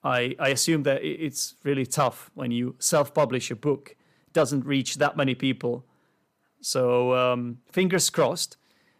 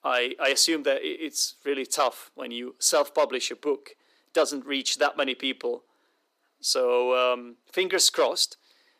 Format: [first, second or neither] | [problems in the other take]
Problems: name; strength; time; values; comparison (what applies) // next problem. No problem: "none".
first | thin; somewhat; fading below 300 Hz